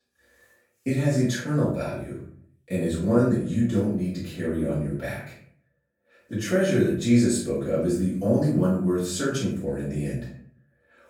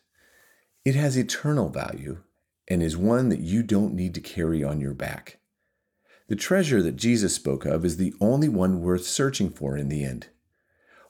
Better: second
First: off-mic speech; far // room echo; noticeable; dies away in 0.5 s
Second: none

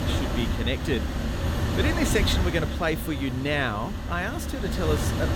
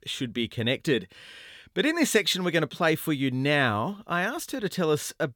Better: second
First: wind noise on the microphone; heavy; 5 dB below the speech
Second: none

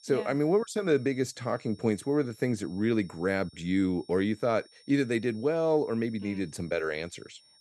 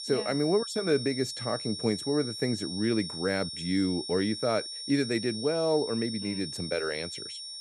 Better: first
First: high-pitched whine; faint; throughout; 5.5 kHz, 25 dB below the speech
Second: high-pitched whine; loud; throughout; 5.5 kHz, 6 dB below the speech

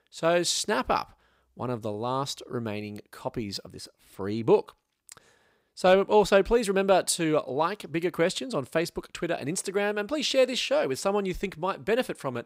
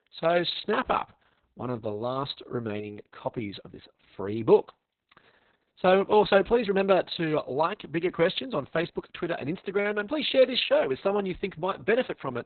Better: first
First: none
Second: garbled, watery; badly; nothing above 4 kHz

